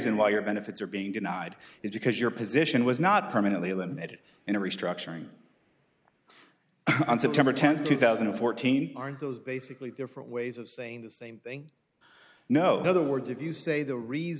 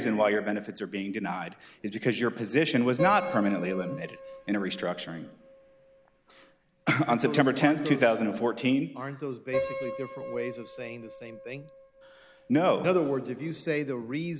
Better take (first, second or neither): first